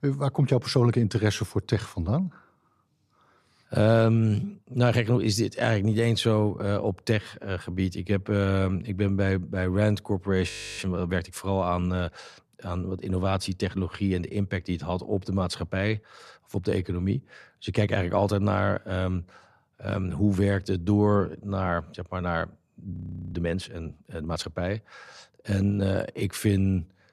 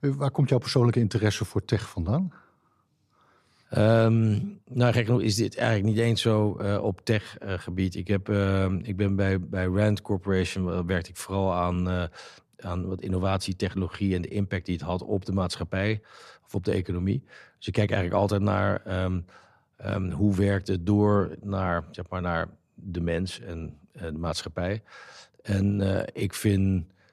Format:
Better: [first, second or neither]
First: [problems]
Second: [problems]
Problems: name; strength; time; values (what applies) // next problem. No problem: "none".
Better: second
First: audio freezing; at 10 s and at 23 s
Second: none